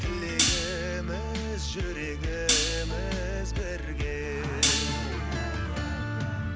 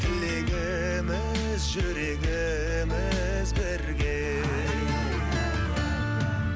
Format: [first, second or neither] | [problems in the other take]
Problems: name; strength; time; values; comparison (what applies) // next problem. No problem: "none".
second | background sound (Hi-hat); 2 dB below the speech